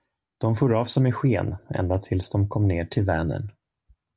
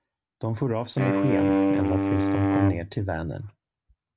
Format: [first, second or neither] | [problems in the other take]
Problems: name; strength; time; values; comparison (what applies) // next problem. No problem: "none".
first | background sound (Wind instrument, woodwind instrument); 4 dB above the speech